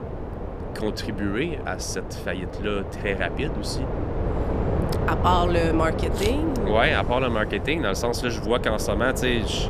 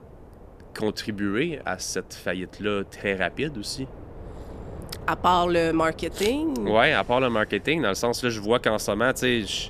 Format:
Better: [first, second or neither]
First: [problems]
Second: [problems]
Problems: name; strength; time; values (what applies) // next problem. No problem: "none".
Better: second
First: wind noise on the microphone; heavy; 7 dB below the speech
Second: wind noise on the microphone; occasional gusts; 25 dB below the speech